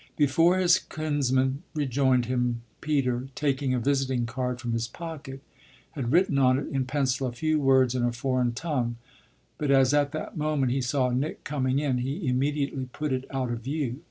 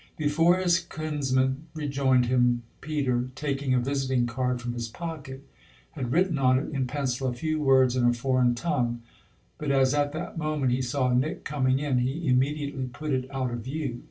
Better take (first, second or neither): first